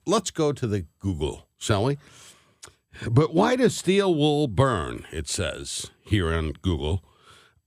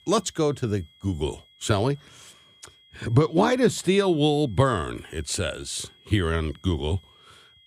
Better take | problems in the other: first | high-pitched whine; faint; throughout; 3.5 kHz, 30 dB below the speech

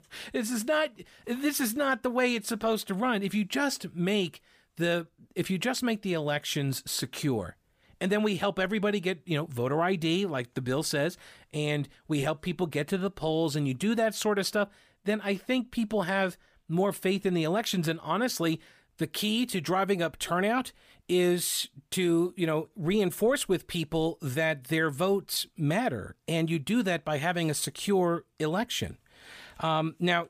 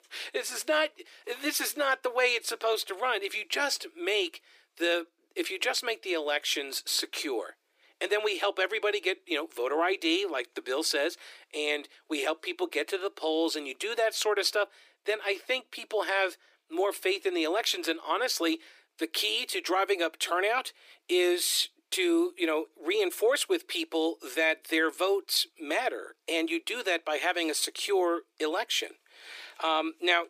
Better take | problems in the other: first | thin; very; fading below 300 Hz

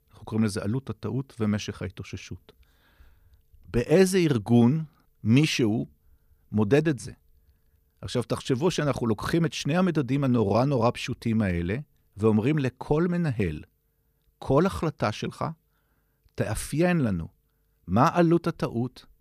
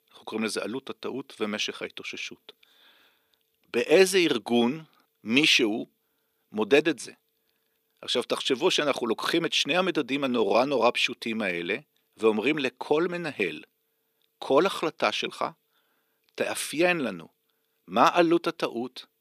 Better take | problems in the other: first | thin; somewhat; fading below 300 Hz

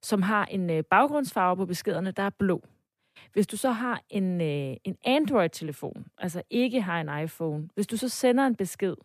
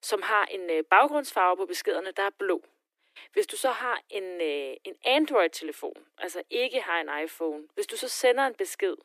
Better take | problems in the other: first | thin; very; fading below 300 Hz

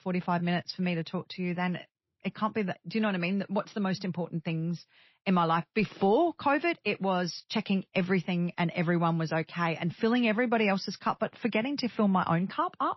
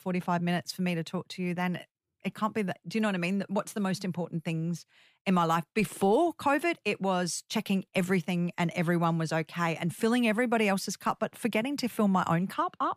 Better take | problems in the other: second | garbled, watery; slightly; nothing above 5.5 kHz

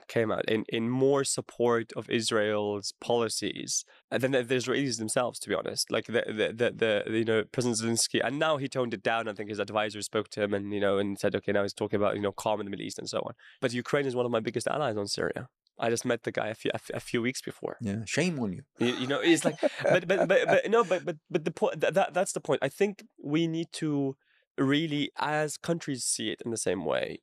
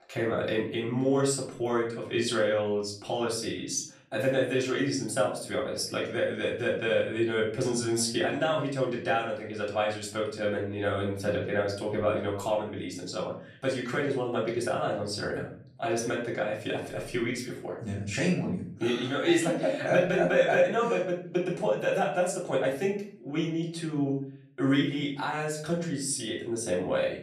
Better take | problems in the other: first | off-mic speech; far // room echo; slight; dies away in 0.5 s

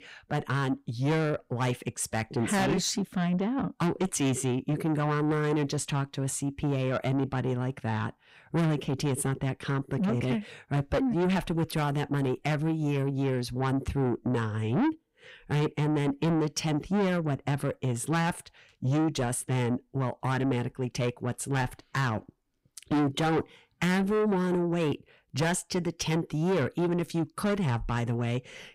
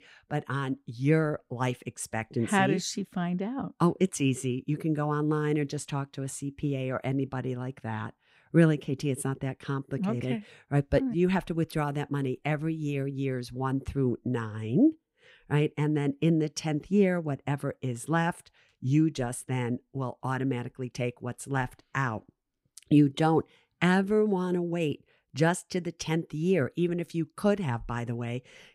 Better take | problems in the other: second | distortion; heavy; 6 dB below the speech

